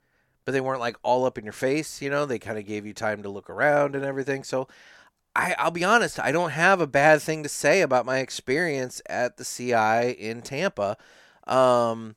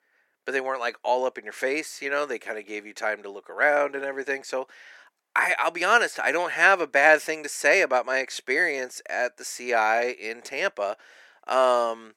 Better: first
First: none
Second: thin; somewhat; fading below 350 Hz

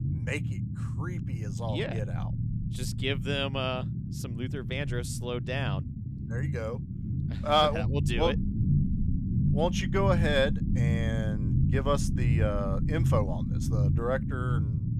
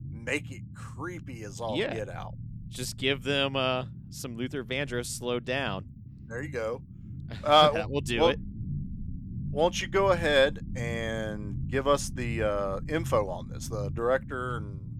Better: second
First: low rumble; loud; throughout; 10 dB below the speech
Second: low rumble; faint; throughout; 25 dB below the speech

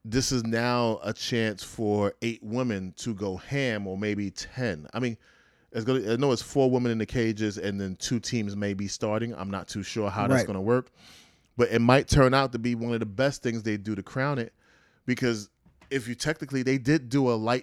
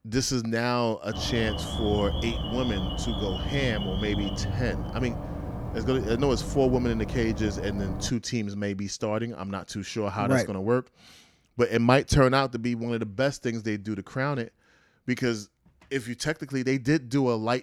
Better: first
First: none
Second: alarm; noticeable; from 1 to 8 s; peak 3 dB below the speech

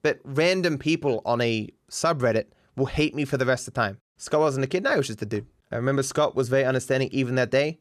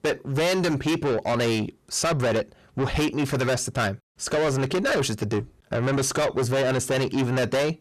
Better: first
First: none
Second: distortion; heavy; 6 dB below the speech

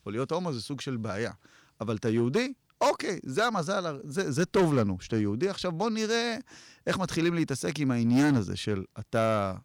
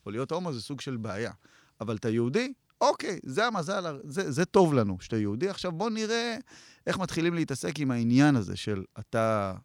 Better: second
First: distortion; slight; 3% of the sound clipped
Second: none

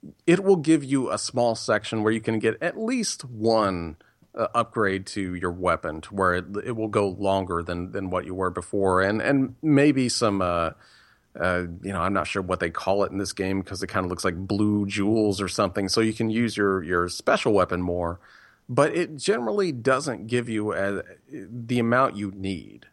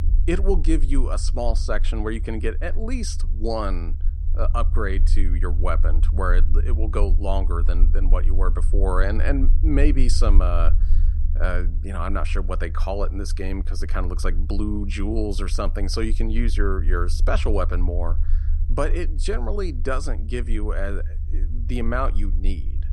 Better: first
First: none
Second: low rumble; noticeable; throughout; 15 dB below the speech

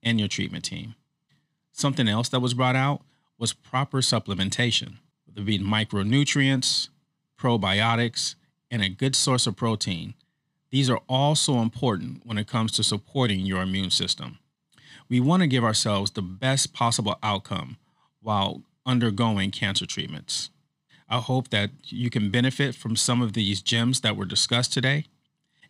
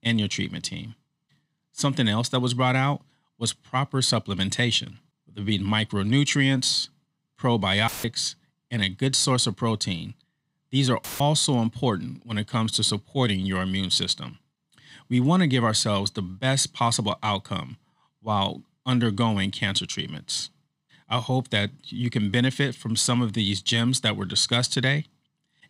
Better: first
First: none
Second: audio cutting out; filled with static; at 8 s and at 11 s

